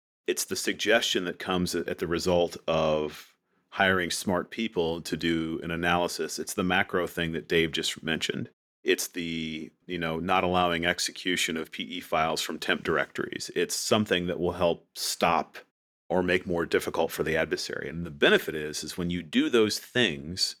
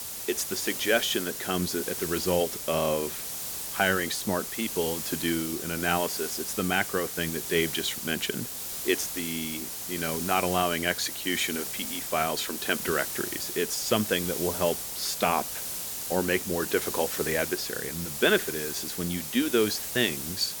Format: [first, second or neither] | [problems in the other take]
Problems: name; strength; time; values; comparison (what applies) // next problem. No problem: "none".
first | hiss; loud; throughout; 4 dB below the speech